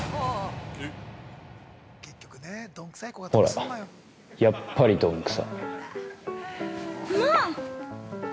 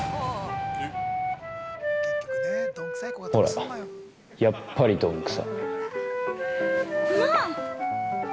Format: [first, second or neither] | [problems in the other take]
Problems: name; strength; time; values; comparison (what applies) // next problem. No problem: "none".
first | background sound (Wind instrument, woodwind instrument); 1 dB below the speech